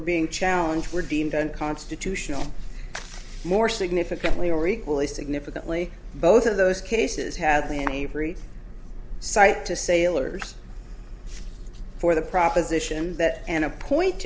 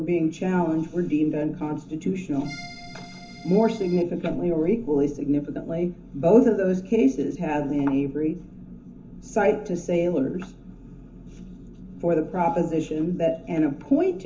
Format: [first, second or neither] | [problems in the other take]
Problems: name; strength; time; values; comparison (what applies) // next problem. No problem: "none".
first | background sound (Accordion); 18 dB below the speech // room echo; dies away in 0.3 s